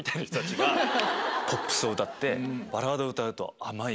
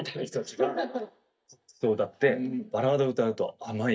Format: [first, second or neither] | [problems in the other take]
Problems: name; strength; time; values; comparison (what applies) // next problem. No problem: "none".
first | noise reduction (neural mask model DeepFilterNet 3)